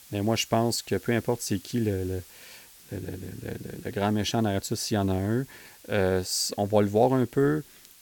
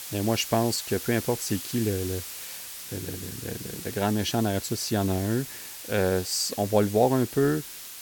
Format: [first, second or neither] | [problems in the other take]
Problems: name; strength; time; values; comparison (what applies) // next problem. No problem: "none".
first | hiss; loud; throughout; 10 dB below the speech; faint in the first